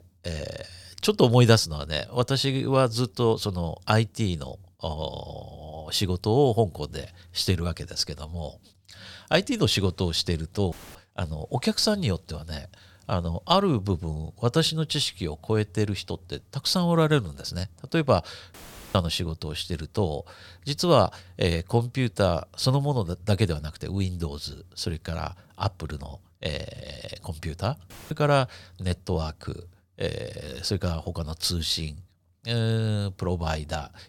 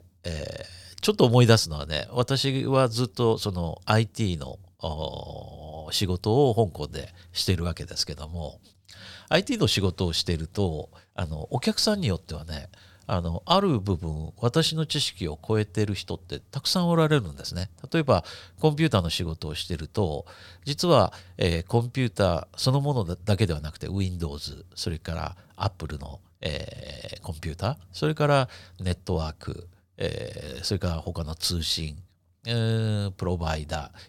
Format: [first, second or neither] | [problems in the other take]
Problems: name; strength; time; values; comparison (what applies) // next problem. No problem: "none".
second | audio cutting out; filled with static; at 11 s, at 19 s and at 28 s